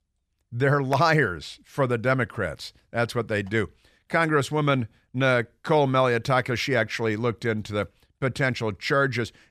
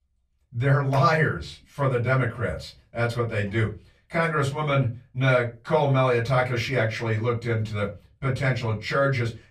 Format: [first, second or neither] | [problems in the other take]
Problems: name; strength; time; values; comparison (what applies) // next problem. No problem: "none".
first | off-mic speech; far // room echo; very slight; dies away in 0.2 s